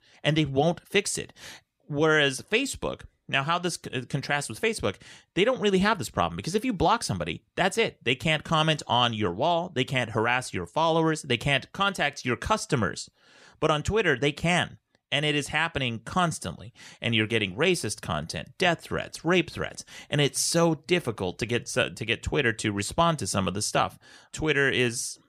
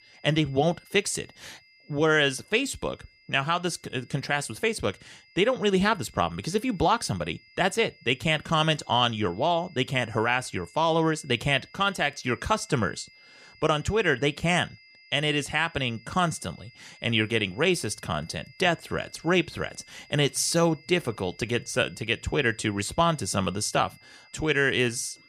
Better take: first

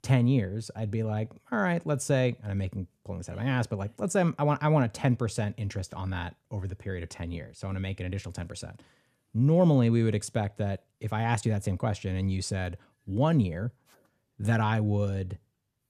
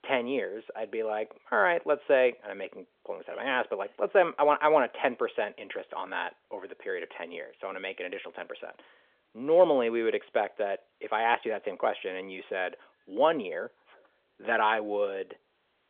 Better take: first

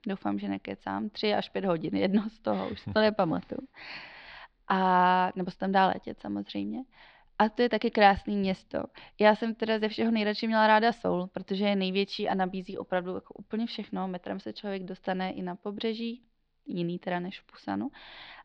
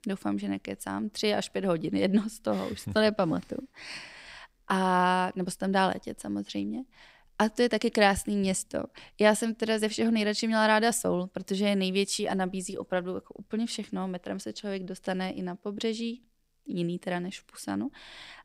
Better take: second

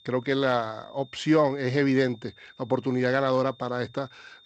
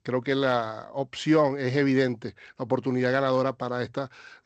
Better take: second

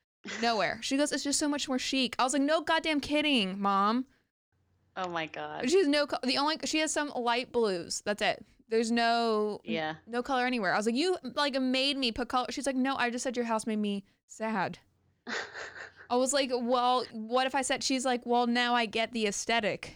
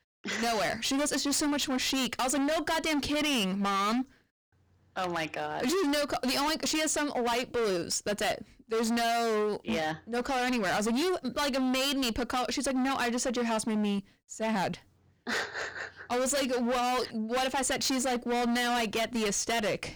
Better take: first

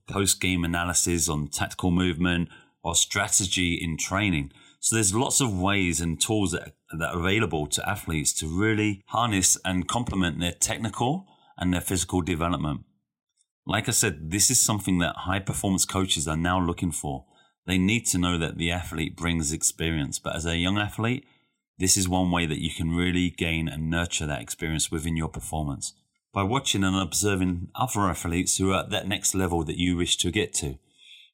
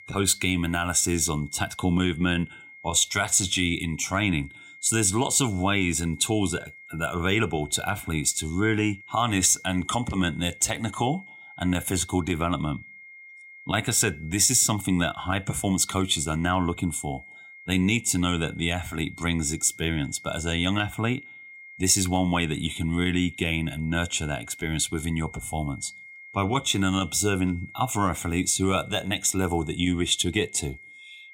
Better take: first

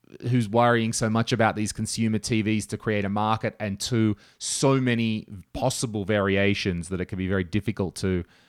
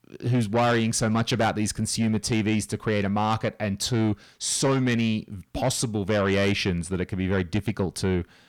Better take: first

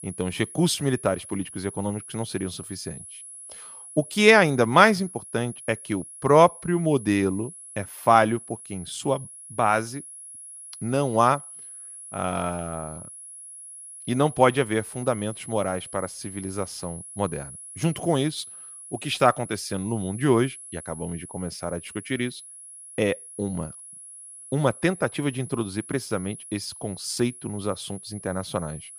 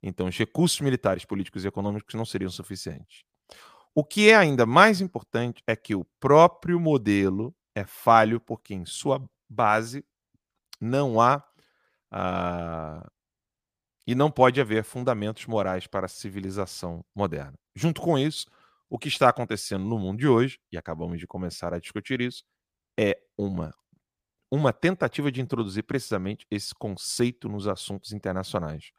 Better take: second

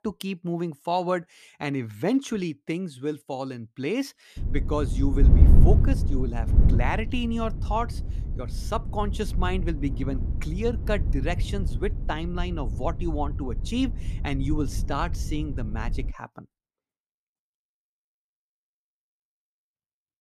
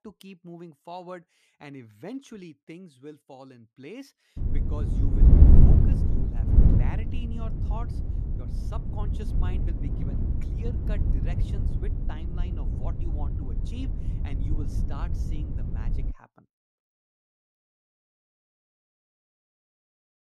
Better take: first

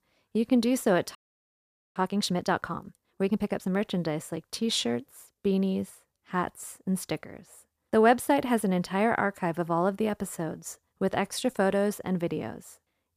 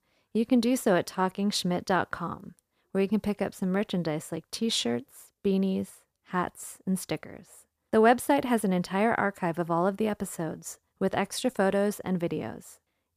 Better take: second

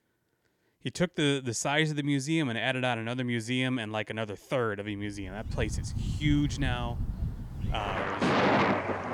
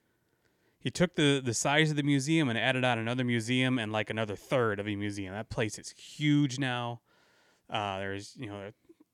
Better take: second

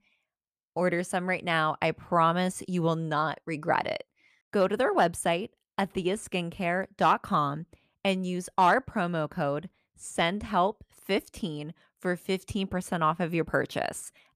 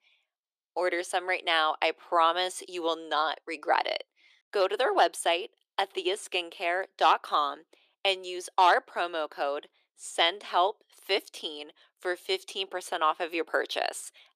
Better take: first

